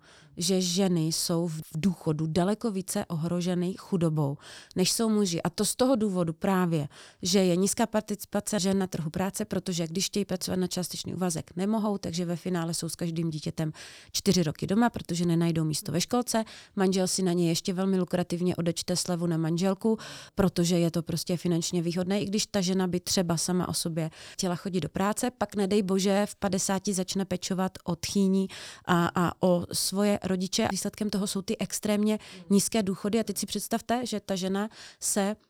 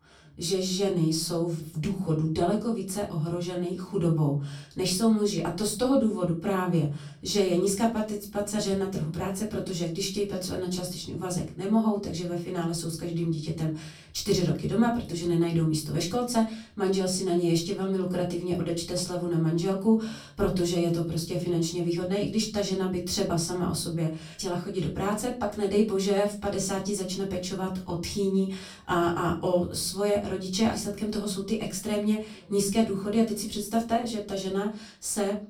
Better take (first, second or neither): first